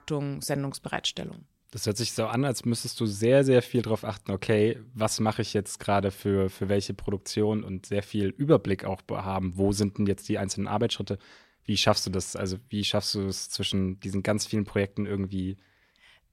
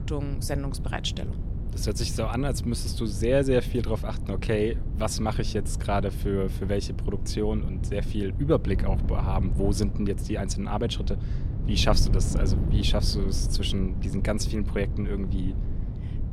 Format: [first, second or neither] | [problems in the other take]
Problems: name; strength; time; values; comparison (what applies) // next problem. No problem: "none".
first | wind noise on the microphone; occasional gusts; 10 dB below the speech